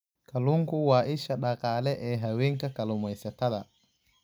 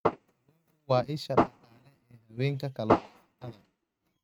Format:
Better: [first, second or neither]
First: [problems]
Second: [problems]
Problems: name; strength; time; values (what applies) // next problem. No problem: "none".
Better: first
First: none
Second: noise reduction (neural mask model RNNoise)